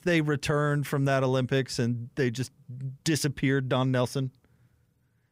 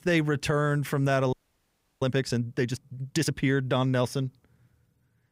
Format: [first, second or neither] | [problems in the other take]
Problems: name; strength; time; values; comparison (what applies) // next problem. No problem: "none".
first | audio freezing; at 1.5 s for 0.5 s